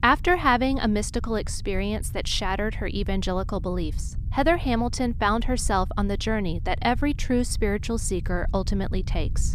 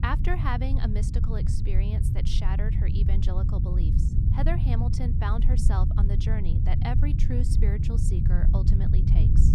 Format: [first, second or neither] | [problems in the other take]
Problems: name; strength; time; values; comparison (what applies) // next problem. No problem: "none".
first | low rumble; loud; throughout; 3 dB below the speech; faint in the first